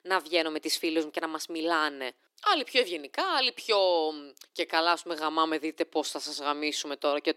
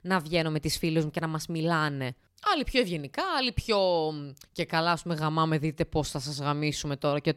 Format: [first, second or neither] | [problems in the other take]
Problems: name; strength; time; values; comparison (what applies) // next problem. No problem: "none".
second | thin; somewhat; fading below 300 Hz